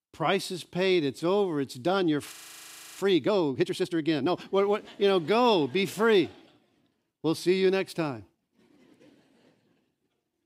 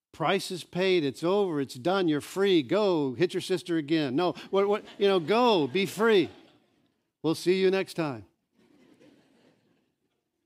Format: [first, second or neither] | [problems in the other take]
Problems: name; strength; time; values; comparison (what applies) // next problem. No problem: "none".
second | audio freezing; at 2.5 s for 0.5 s